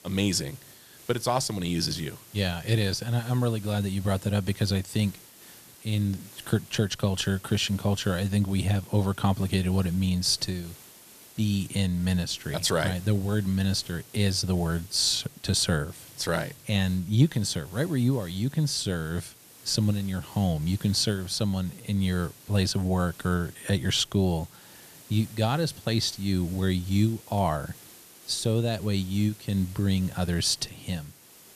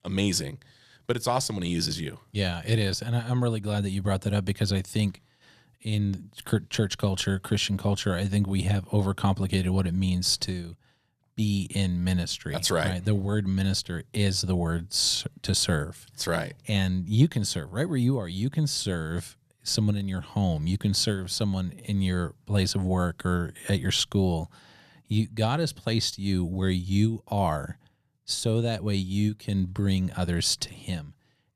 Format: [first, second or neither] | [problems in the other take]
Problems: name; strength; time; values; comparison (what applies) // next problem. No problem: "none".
second | hiss; faint; throughout; 20 dB below the speech